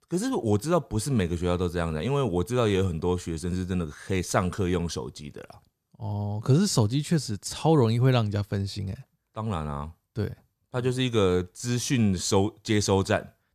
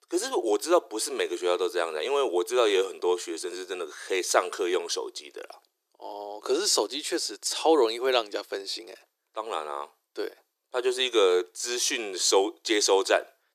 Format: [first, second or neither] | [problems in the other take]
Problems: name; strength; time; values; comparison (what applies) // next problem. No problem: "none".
first | thin; very; fading below 350 Hz